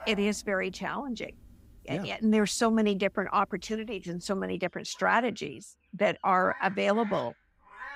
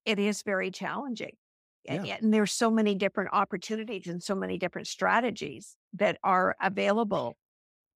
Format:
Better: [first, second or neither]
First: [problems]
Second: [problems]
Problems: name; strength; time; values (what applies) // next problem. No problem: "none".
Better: second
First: animal sounds; noticeable; throughout; 20 dB below the speech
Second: none